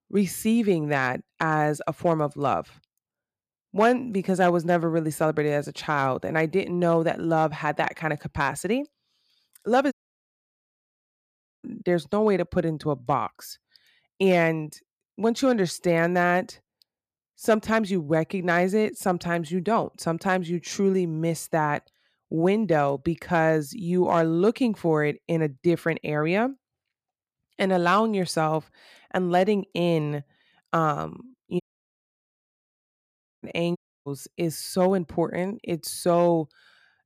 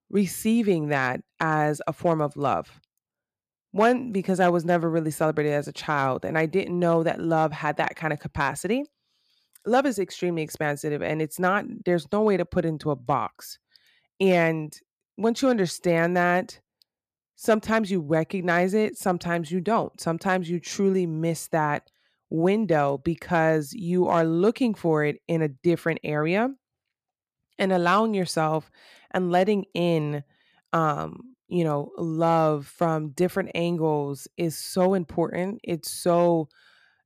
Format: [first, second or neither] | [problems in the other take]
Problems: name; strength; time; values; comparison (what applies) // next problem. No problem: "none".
second | audio cutting out; at 10 s for 1.5 s, at 32 s for 2 s and at 34 s